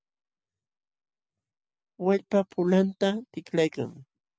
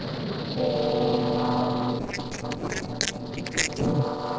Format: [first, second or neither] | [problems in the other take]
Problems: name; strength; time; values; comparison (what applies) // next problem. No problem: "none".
first | noise reduction (neural separator model SepFormer DNS4)